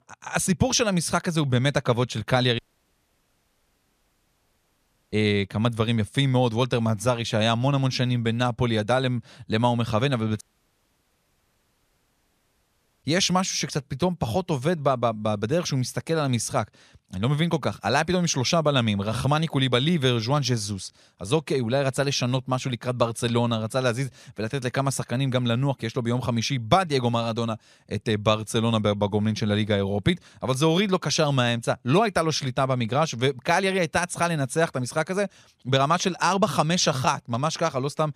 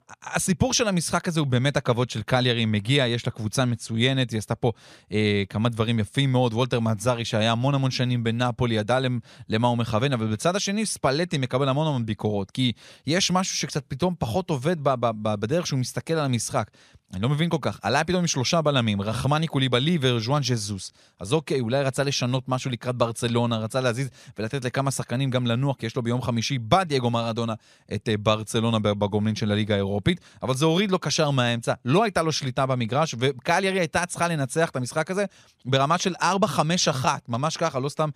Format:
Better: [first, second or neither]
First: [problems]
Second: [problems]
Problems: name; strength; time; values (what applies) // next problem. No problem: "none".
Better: second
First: audio cutting out; at 2.5 s for 2.5 s and at 10 s for 2.5 s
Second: none